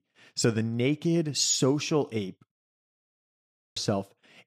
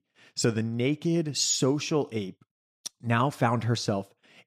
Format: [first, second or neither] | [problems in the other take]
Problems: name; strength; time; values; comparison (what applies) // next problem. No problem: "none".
second | audio cutting out; at 2.5 s for 1 s